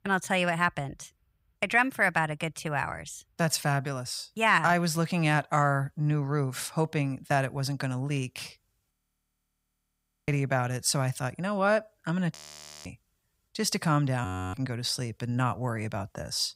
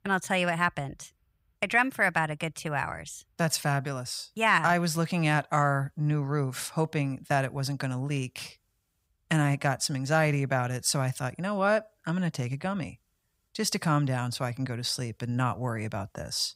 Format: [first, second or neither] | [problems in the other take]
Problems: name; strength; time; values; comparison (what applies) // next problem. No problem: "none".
second | audio freezing; at 9 s for 1.5 s, at 12 s for 0.5 s and at 14 s